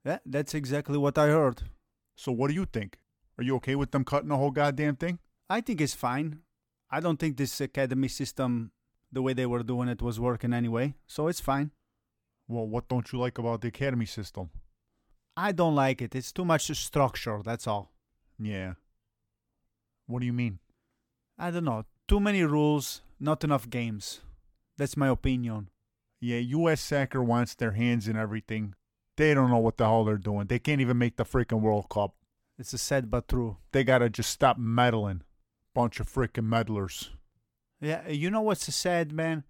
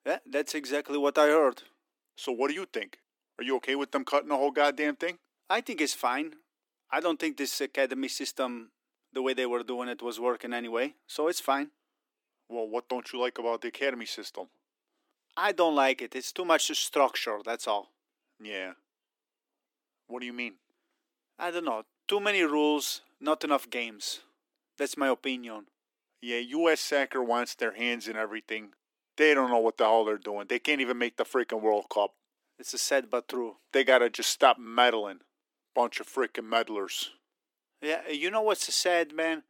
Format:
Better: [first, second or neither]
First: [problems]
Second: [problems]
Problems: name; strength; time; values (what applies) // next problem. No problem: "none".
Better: first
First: none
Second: thin; somewhat; fading below 300 Hz